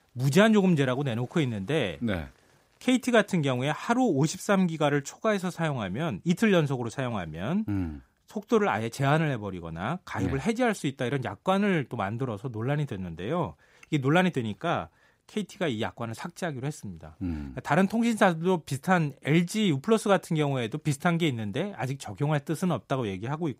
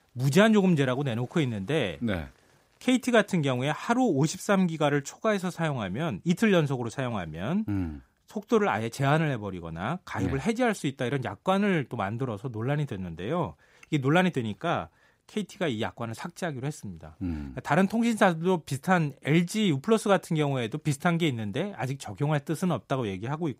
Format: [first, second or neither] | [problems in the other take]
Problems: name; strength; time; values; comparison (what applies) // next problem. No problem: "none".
neither | none